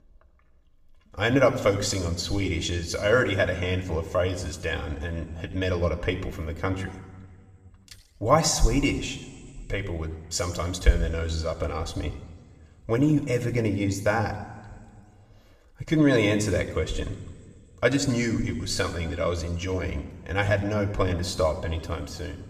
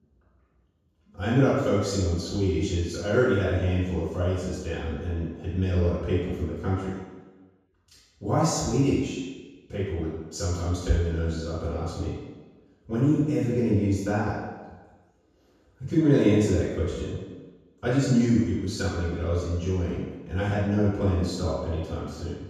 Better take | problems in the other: first | room echo; strong; dies away in 1.2 s; slight in the first // off-mic speech; far; somewhat distant in the first

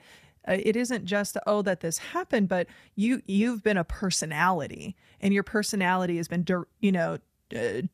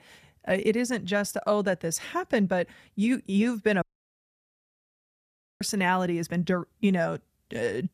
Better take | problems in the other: first | audio cutting out; at 4 s for 2 s

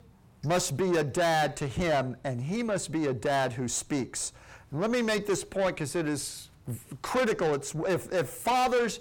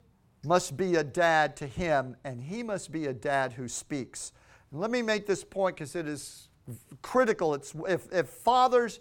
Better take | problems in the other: second | distortion; heavy; 6 dB below the speech

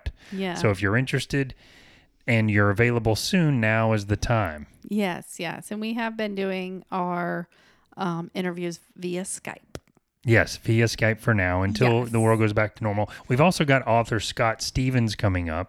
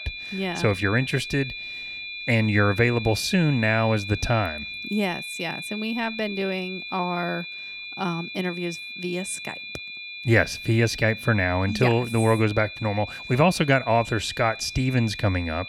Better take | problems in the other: first | high-pitched whine; loud; throughout; 2.5 kHz, 9 dB below the speech

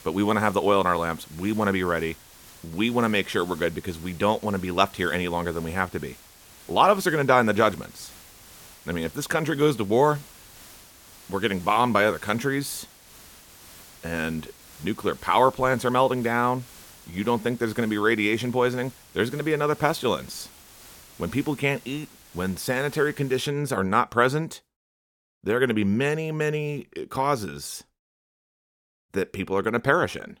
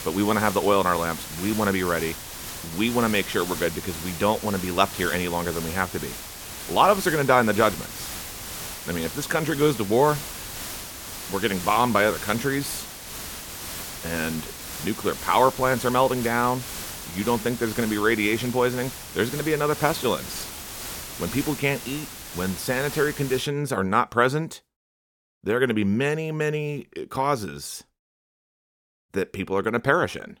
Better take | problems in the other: first | hiss; loud; until 23 s; 9 dB below the speech; faint in the first

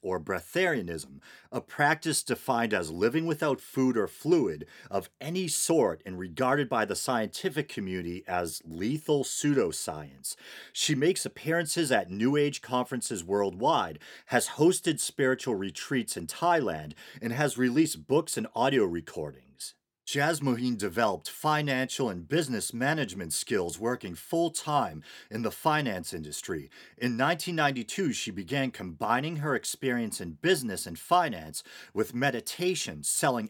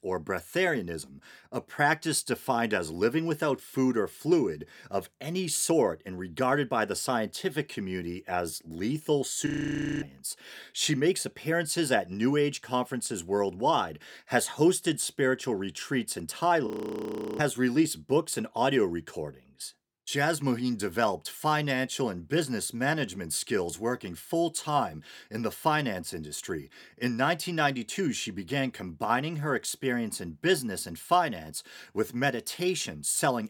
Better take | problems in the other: first | audio freezing; at 9.5 s for 0.5 s and at 17 s for 0.5 s

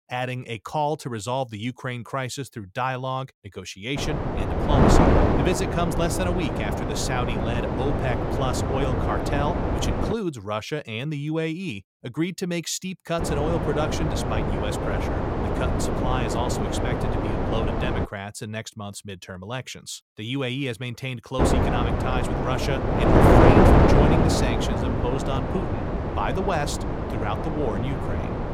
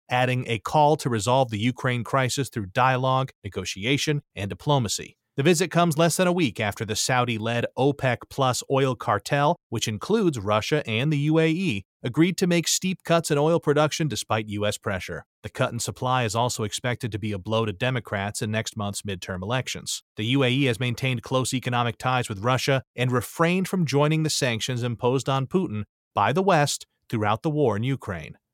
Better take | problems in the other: second | wind noise on the microphone; heavy; from 4 to 10 s, from 13 to 18 s and from 21 s on; 4 dB above the speech

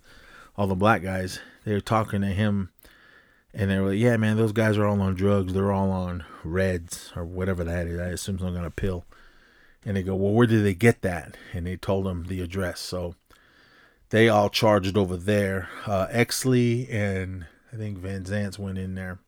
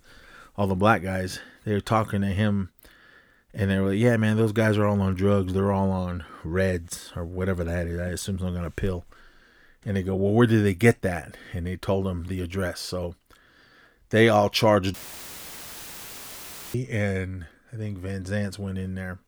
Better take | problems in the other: first | audio cutting out; filled with static; at 15 s for 2 s

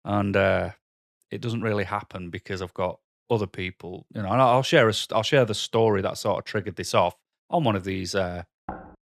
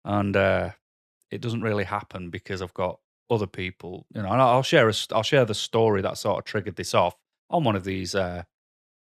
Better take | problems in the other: second | door banging; faint; at 8.5 s; peak 15 dB below the speech

